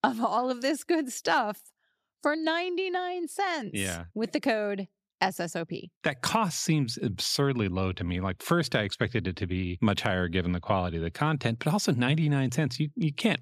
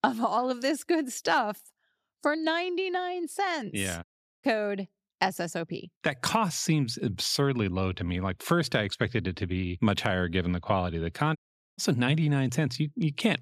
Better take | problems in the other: first | audio cutting out; at 4 s and at 11 s

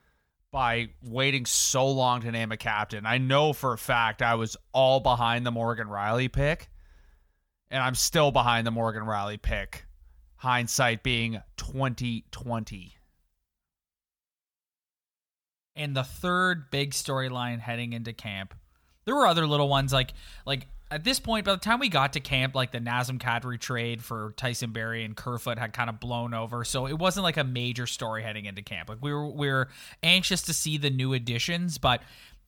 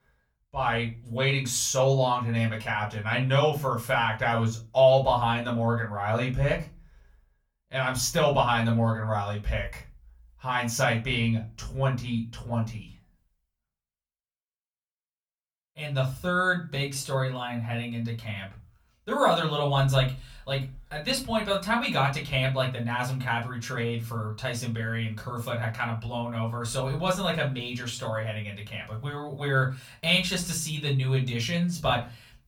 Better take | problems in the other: first | off-mic speech; far // room echo; very slight; dies away in 0.3 s

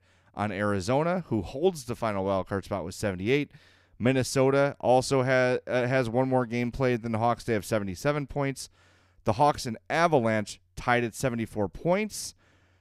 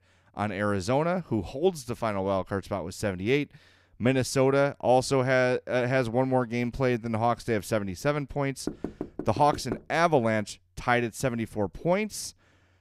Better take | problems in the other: first | door banging; noticeable; from 8.5 to 10 s; peak 10 dB below the speech

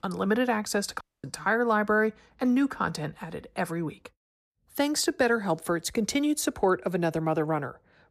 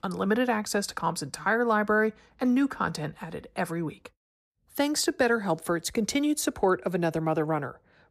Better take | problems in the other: second | audio cutting out; at 1 s

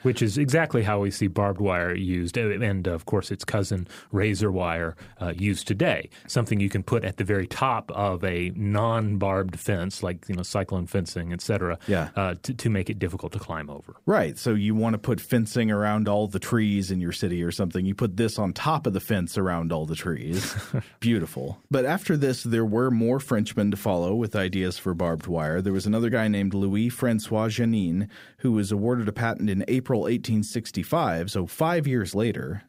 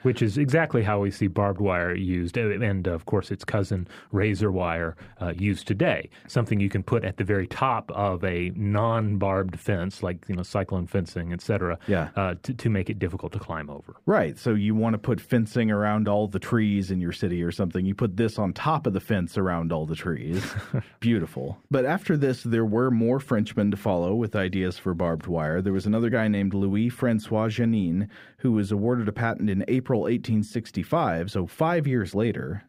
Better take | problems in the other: first | muffled; slightly; fading above 4 kHz

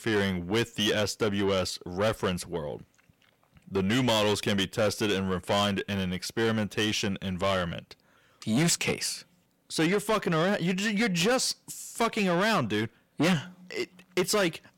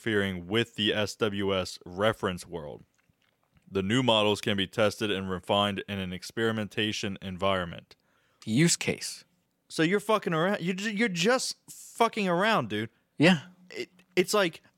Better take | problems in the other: second | distortion; heavy; 7 dB below the speech

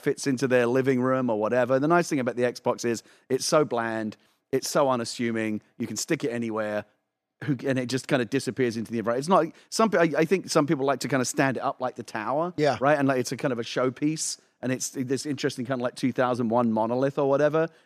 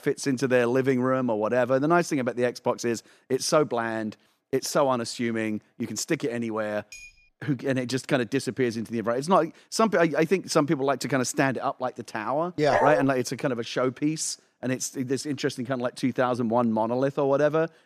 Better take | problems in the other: first | clattering dishes; faint; at 7 s; peak 20 dB below the speech // dog barking; loud; at 13 s; peak 1 dB above the speech

